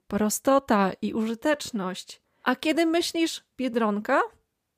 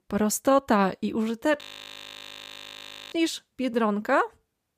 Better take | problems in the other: first | audio freezing; at 1.5 s for 1.5 s

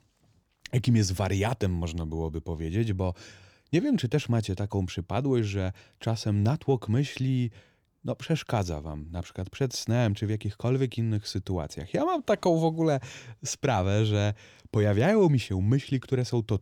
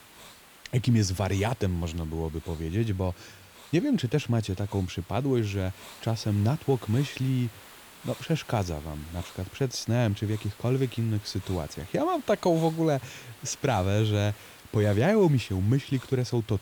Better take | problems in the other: first | hiss; noticeable; throughout; 20 dB below the speech

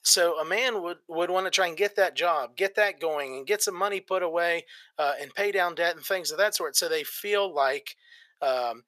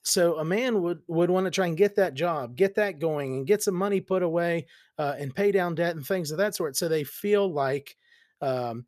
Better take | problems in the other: second | thin; very; fading below 750 Hz

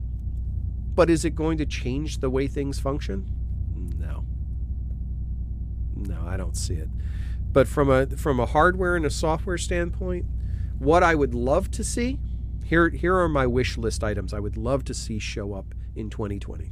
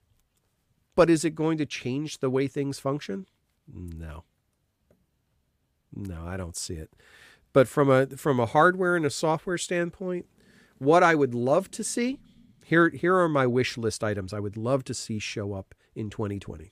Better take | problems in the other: second | low rumble; faint; throughout; 25 dB below the speech

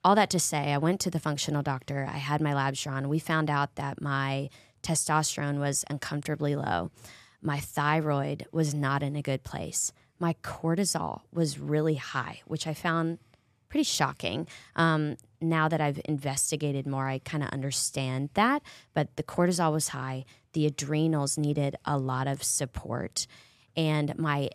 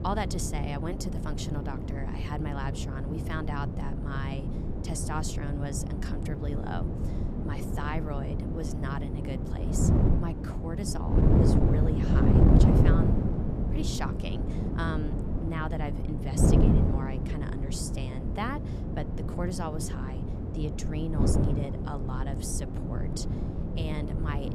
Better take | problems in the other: first | wind noise on the microphone; heavy; 1 dB above the speech

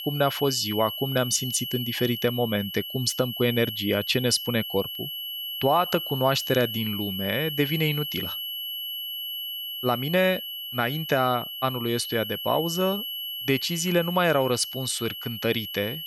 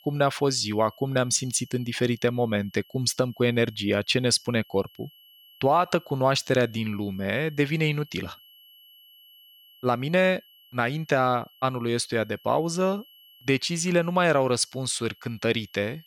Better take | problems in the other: second | high-pitched whine; loud; throughout; 3 kHz, 5 dB below the speech; faint in the second

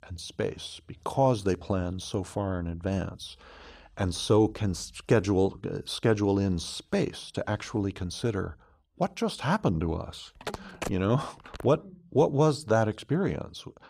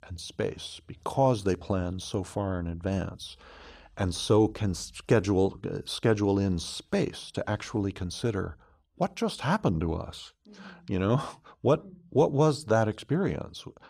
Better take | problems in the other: second | phone ringing; noticeable; from 10 to 12 s; peak 9 dB below the speech

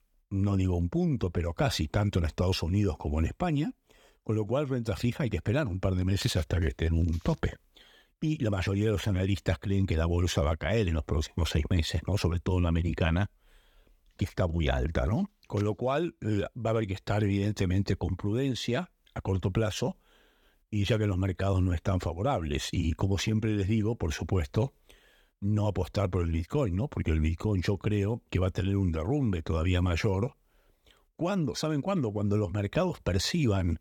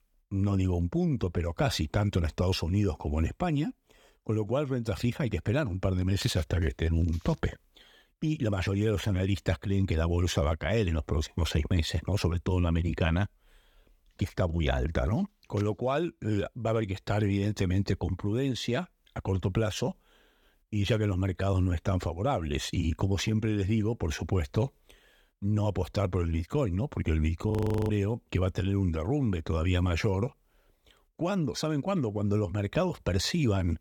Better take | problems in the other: first | audio freezing; at 28 s

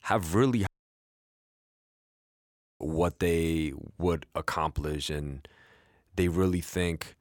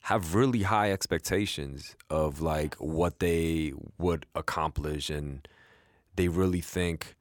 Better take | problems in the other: second | audio cutting out; at 0.5 s for 2 s

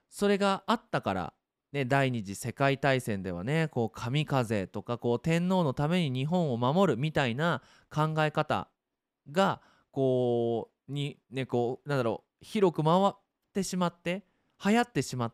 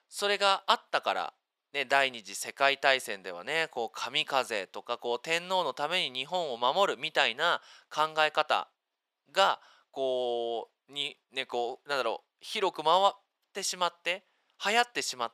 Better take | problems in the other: first | thin; very; fading below 700 Hz

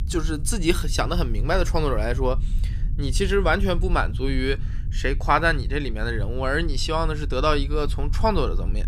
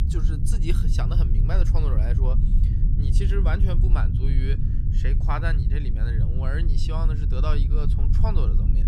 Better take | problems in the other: first | low rumble; loud; throughout; 4 dB below the speech; faint in the first

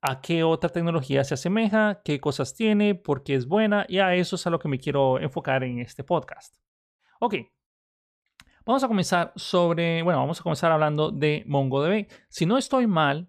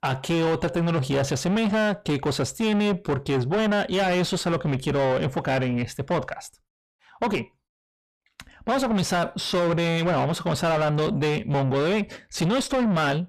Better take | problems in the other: first | distortion; heavy; 6 dB below the speech

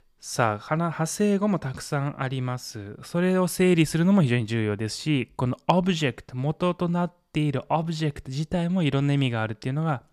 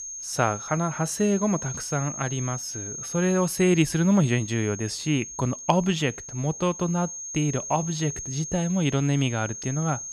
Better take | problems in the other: first | high-pitched whine; loud; throughout; 6.5 kHz, 8 dB below the speech

